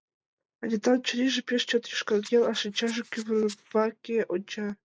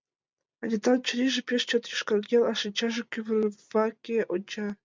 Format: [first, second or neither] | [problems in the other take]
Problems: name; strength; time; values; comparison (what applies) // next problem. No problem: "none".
second | noise reduction (neural mask model Resemble Enhance denoiser)